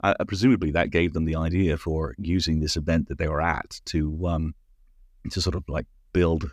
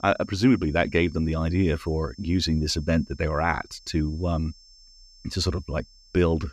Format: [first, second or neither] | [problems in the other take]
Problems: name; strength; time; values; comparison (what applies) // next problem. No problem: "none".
first | high-pitched whine; faint; throughout; 5.5 kHz, 25 dB below the speech